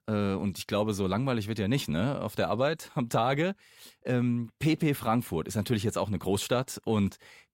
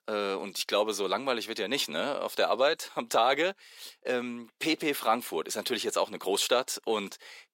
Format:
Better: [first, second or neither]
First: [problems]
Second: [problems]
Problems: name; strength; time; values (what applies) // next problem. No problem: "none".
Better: first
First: none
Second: thin; somewhat; fading below 400 Hz